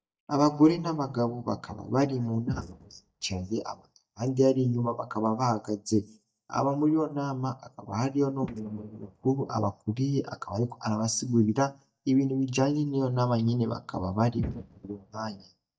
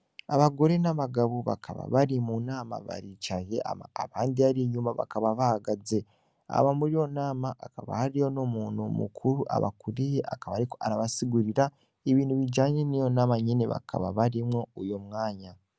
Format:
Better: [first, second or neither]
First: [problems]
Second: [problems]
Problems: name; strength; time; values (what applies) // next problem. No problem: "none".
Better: second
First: noise reduction (neural mask model DeepFilterNet 3)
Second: none